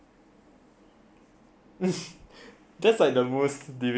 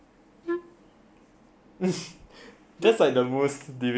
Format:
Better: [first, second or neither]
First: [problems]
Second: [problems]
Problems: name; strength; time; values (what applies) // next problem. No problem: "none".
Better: first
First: none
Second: background sound (Wind instrument, woodwind instrument); 6 dB below the speech